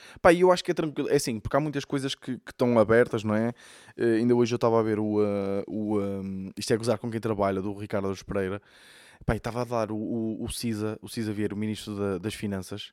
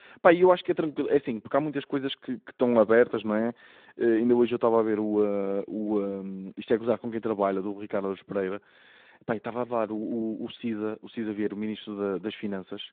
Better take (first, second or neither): first